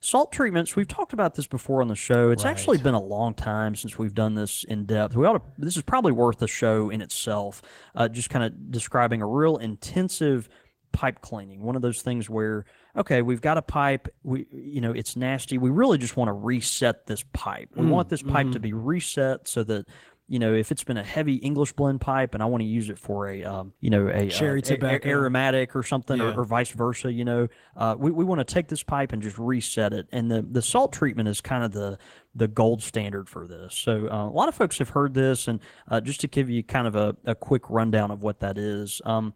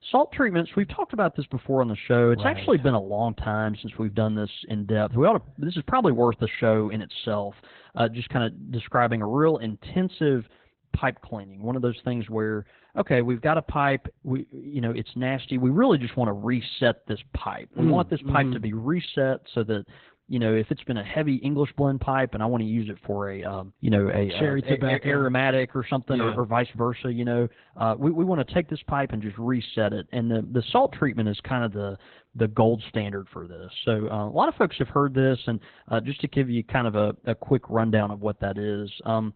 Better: first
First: garbled, watery; slightly; nothing above 15.5 kHz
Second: garbled, watery; badly; nothing above 4 kHz

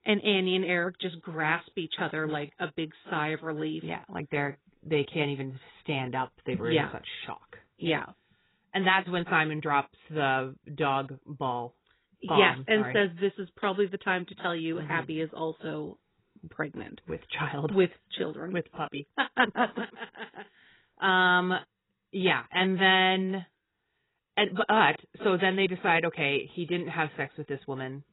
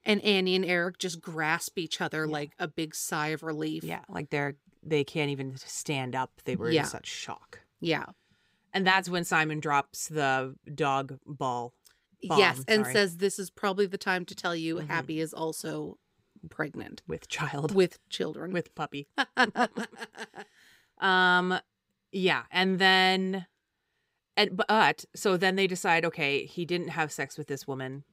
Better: second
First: garbled, watery; badly; nothing above 4 kHz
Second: none

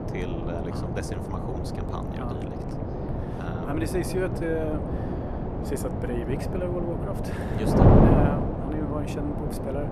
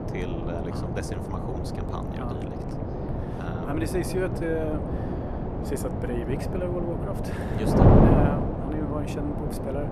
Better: neither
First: wind noise on the microphone; heavy; 3 dB above the speech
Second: wind noise on the microphone; heavy; 3 dB above the speech

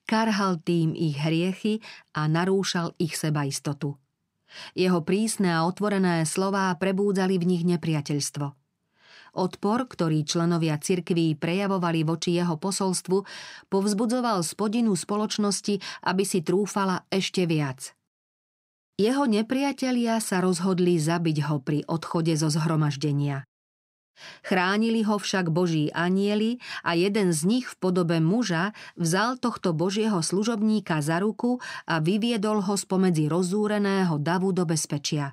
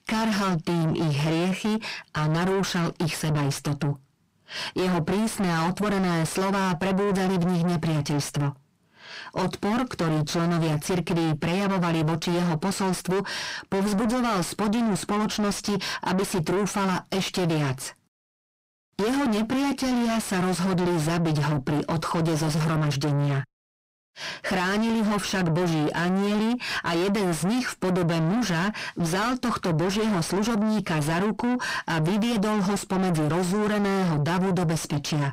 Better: first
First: none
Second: distortion; heavy; 6 dB below the speech

